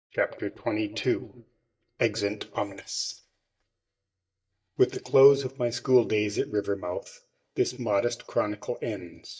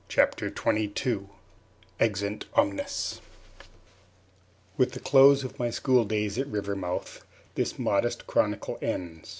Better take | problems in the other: second | noise reduction (neural mask model DeepFilterNet 3)

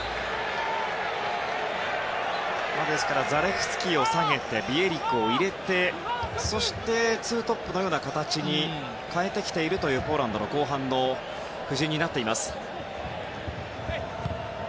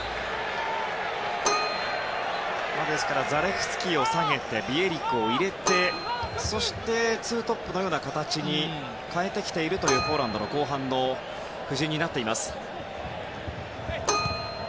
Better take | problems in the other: first | background sound (Keyboard (musical)); 9 dB below the speech

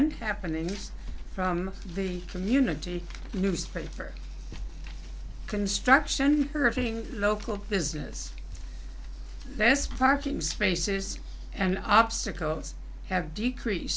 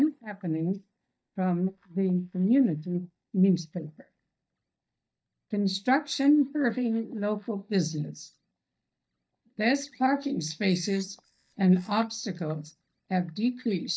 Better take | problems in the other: first | noise reduction (neural mask model DeepFilterNet 3)

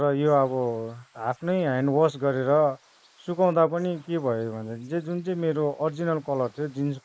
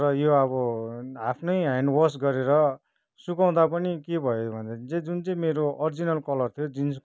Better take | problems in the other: second | noise reduction (neural mask model Resemble Enhance denoiser)

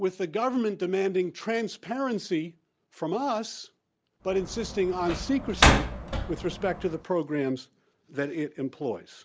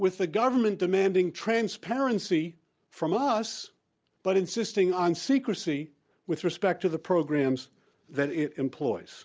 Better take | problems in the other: second | background sound (Slam); 2 dB above the speech

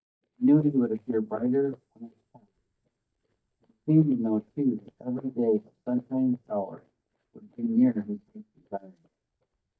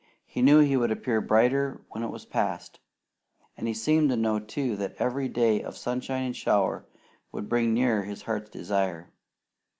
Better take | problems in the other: second | noise reduction (neural mask model DeepFilterNet 3)

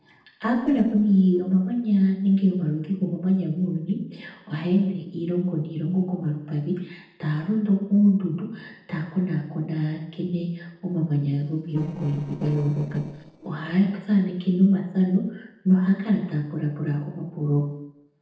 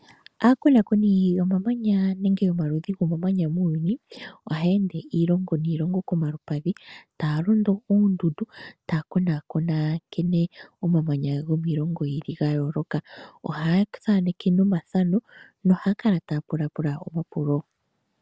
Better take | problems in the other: second | noise reduction (neural separator model SepFormer DNS4)

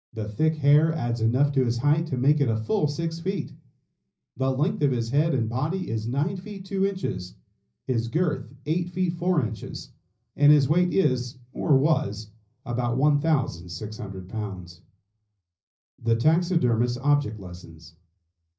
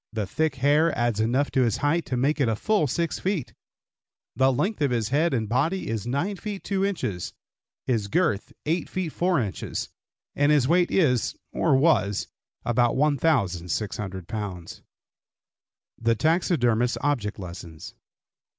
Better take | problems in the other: second | room echo; dies away in 0.5 s

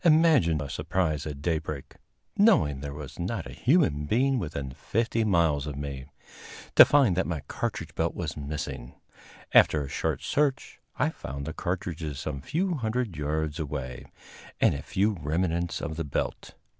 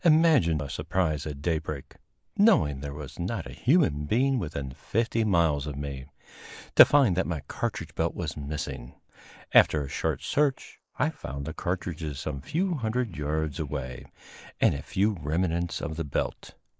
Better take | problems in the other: first | noise reduction (neural mask model Resemble Enhance denoiser)

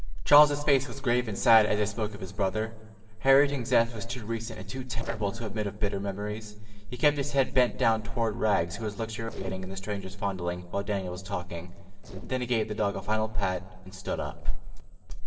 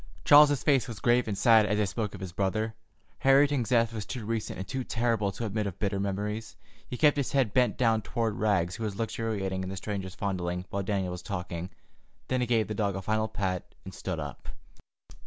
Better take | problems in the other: second | noise reduction (neural separator model SepFormer DNS4)

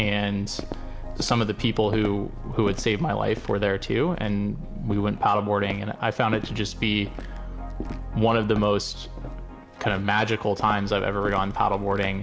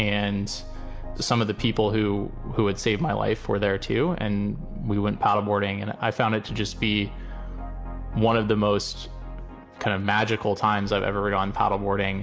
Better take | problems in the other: second | background sound (Walk, footsteps); 14 dB below the speech

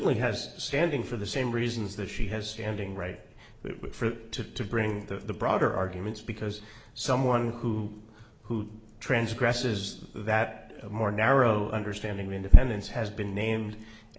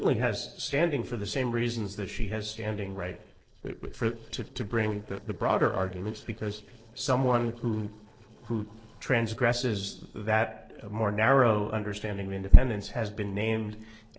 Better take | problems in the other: first | noise reduction (neural separator model SepFormer DNS4)

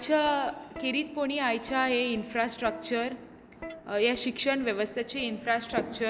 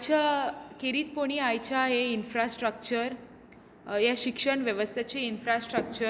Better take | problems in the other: second | background sound (Plucked string instrument); 17 dB below the speech

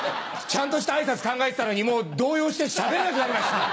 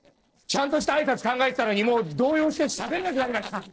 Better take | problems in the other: first | noise reduction (neural separator model SepFormer DNS4)

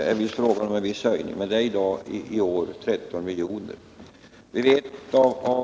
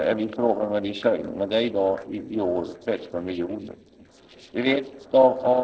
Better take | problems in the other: first | noise reduction (neural separator model SepFormer DNS4)

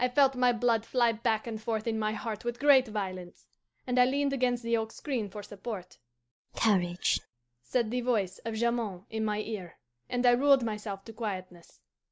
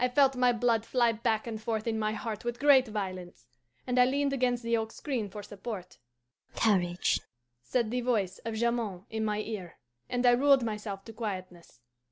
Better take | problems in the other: second | noise reduction (neural mask model Resemble Enhance denoiser)

